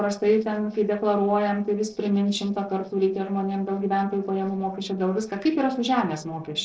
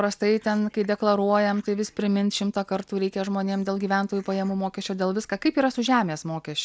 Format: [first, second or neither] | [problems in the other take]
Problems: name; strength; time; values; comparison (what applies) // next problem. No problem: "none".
second | noise reduction (neural separator model SepFormer DNS4)